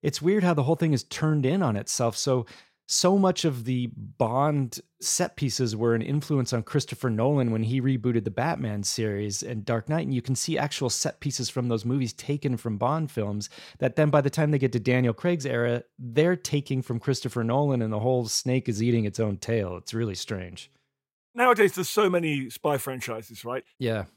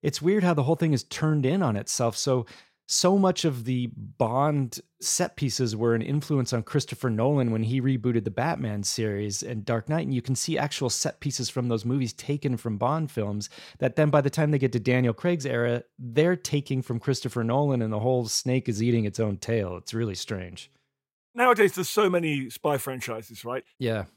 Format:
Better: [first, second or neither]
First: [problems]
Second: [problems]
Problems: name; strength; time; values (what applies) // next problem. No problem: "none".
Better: neither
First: none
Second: none